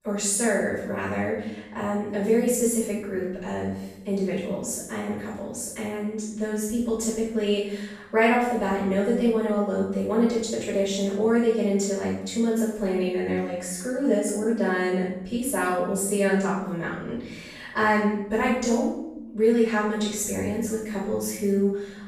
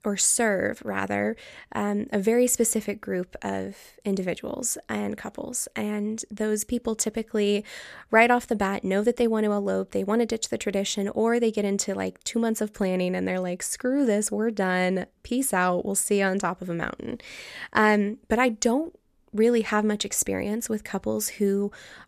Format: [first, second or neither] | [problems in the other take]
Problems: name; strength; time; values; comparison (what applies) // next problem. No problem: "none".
second | off-mic speech; far // room echo; strong; dies away in 0.8 s